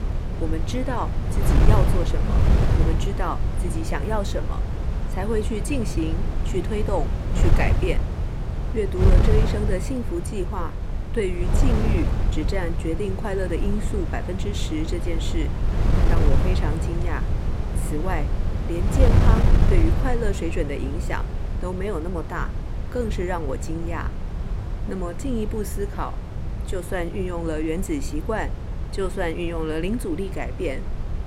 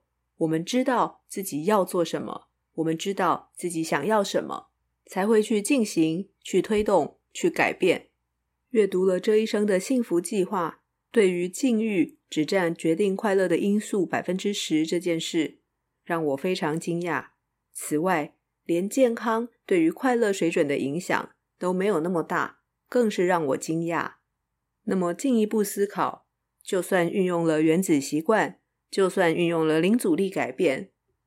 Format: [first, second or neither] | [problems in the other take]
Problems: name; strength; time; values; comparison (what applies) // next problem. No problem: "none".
second | wind noise on the microphone; heavy; 5 dB below the speech